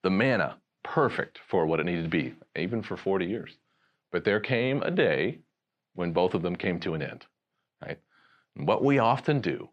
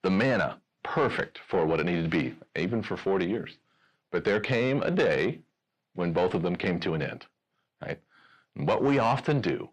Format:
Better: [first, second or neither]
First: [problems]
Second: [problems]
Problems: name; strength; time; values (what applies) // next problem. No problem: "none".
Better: first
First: none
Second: distortion; slight; 10 dB below the speech